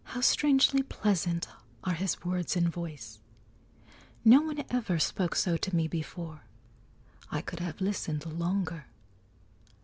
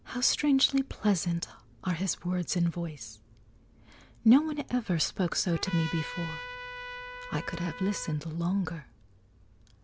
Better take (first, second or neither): first